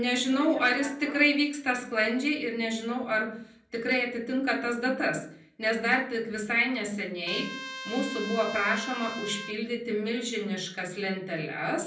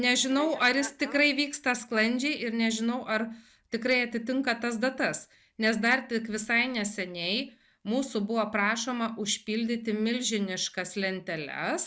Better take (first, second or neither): second